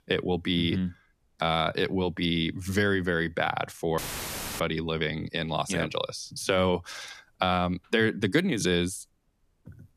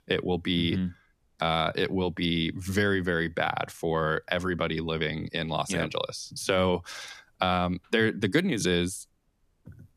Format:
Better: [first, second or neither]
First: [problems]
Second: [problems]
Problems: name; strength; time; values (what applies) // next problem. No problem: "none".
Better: second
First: audio cutting out; filled with static; at 4 s for 0.5 s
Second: none